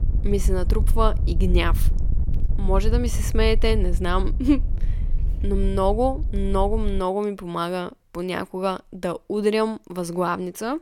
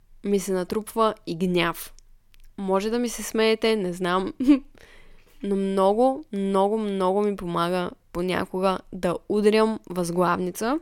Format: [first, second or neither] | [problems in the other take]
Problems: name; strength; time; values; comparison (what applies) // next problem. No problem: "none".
second | wind noise on the microphone; occasional gusts; until 7 s; 20 dB below the speech